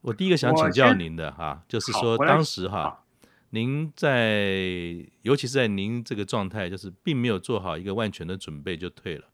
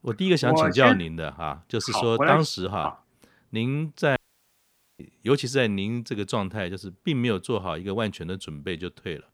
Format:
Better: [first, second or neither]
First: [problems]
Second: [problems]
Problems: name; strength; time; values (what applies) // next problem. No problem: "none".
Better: first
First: none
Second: audio cutting out; at 4 s for 1 s